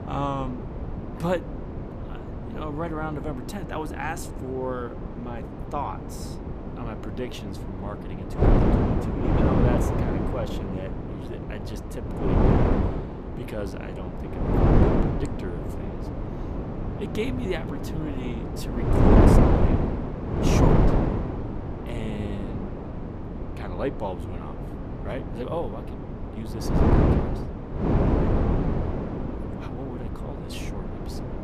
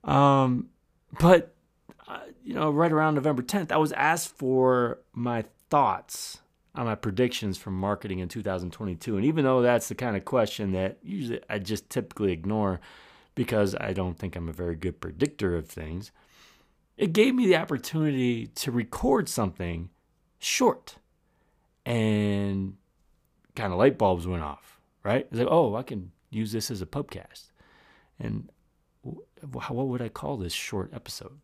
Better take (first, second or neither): second